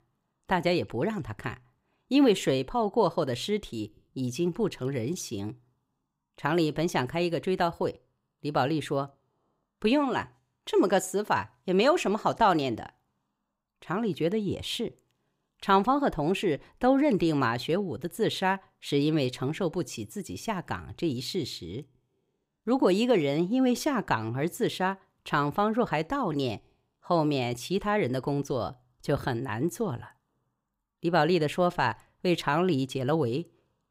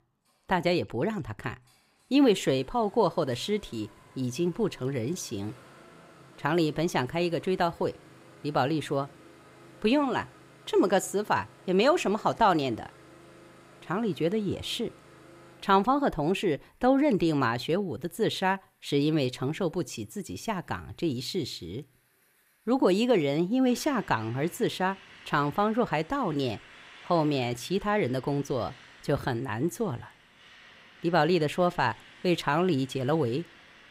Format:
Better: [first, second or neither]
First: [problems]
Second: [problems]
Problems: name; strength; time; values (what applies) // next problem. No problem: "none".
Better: first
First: none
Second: traffic noise; faint; throughout; 25 dB below the speech